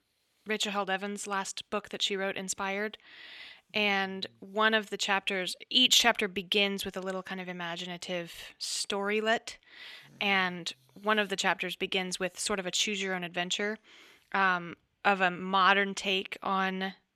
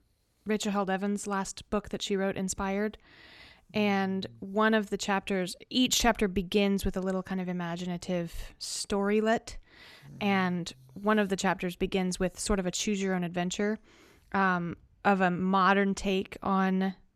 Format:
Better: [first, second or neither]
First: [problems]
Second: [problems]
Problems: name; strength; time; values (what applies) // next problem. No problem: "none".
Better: second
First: thin; somewhat; fading below 500 Hz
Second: none